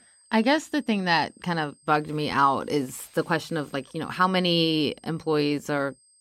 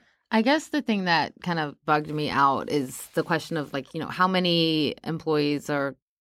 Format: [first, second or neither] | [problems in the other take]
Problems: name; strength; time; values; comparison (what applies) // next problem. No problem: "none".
second | high-pitched whine; faint; throughout; 8.5 kHz, 30 dB below the speech